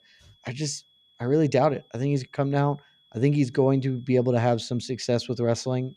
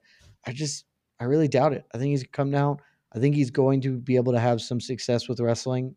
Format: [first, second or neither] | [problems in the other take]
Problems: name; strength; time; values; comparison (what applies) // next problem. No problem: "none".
second | high-pitched whine; faint; throughout; 3.5 kHz, 35 dB below the speech